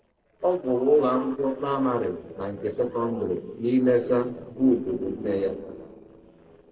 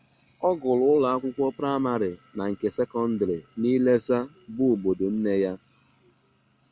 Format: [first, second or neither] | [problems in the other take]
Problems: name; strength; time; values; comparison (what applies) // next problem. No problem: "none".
second | noise reduction (neural separator model SepFormer DNS4)